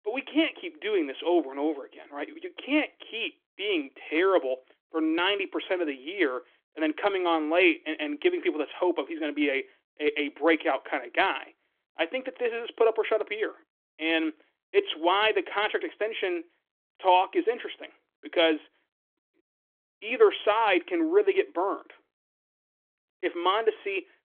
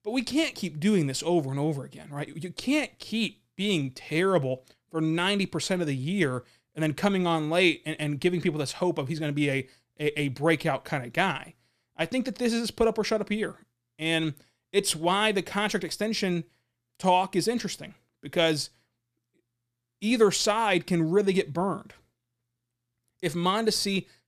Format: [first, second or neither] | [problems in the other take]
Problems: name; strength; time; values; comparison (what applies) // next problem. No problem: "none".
second | phone-call audio; nothing above 3.5 kHz